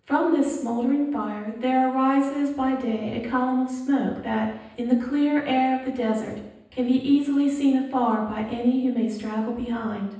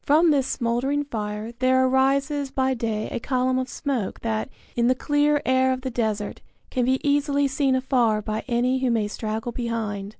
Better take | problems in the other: second | room echo; dies away in 0.9 s

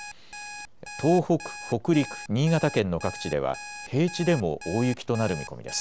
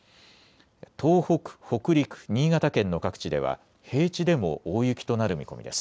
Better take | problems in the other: second | background sound (Alarm); 14 dB below the speech

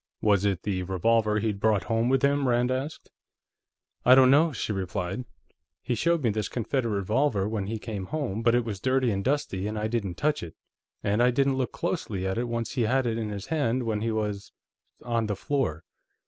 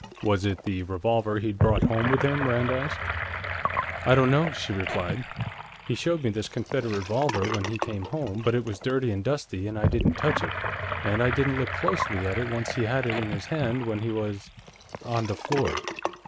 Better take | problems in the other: first | background sound (Sink (filling or washing) / Gurgling); 4 dB below the speech

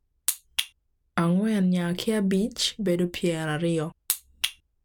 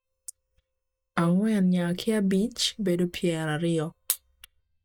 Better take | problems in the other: first | noise reduction (neural mask model DeepFilterNet 3)

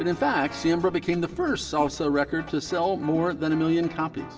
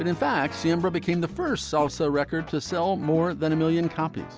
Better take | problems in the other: second | room echo; dies away in 0.6 s

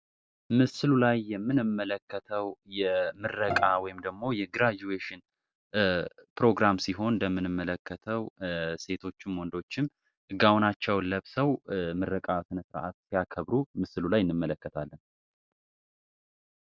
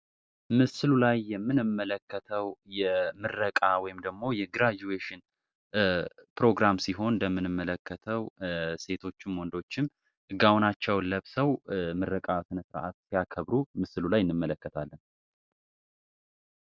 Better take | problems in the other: second | background sound (Bowed string instrument); 8 dB below the speech

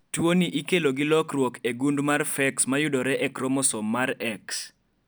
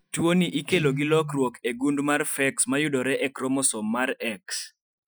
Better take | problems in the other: first | noise reduction (classical method Wiener filter)

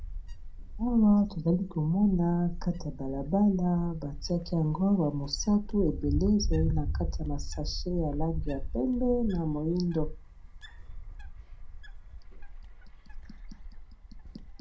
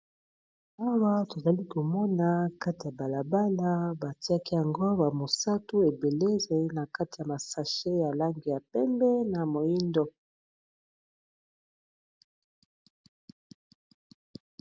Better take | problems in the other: second | background sound (Wind); 5 dB below the speech // room echo; dies away in 0.2 s

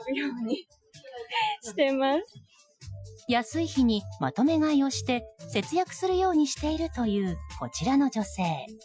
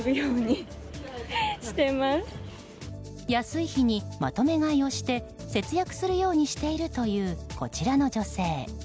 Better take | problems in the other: second | noise reduction (classical method Wiener filter)

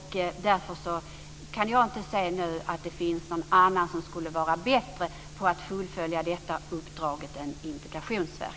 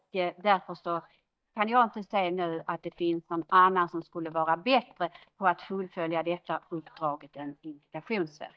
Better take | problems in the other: first | noise reduction (neural mask model DeepFilterNet 3)

